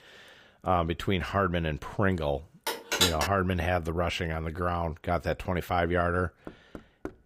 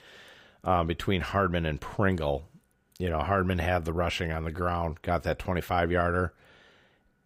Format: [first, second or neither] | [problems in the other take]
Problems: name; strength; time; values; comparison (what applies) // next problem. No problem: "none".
second | phone ringing; loud; at 2.5 s; peak 4 dB above the speech // door banging; faint; at 6 s; peak 15 dB below the speech